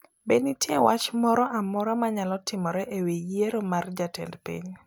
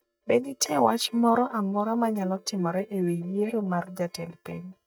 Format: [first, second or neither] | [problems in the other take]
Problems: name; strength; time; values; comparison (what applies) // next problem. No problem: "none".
first | noise reduction (neural mask model DeepFilterNet 3)